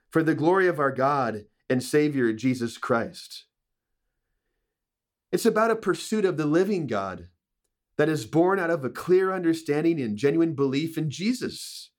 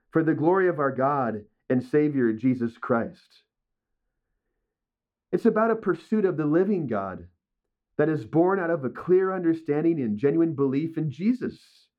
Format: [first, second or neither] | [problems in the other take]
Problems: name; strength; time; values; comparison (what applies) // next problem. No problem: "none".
first | muffled; very; fading above 3 kHz